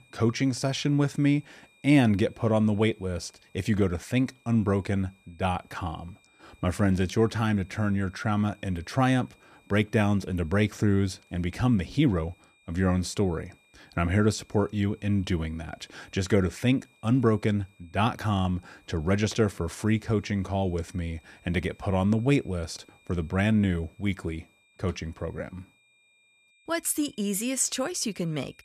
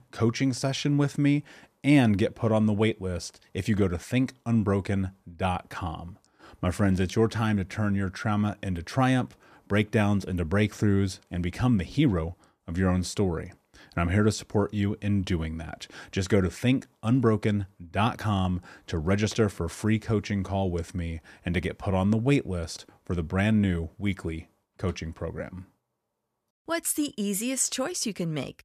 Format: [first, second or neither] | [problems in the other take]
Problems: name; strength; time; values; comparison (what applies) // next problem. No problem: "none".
second | high-pitched whine; faint; throughout; 2.5 kHz, 35 dB below the speech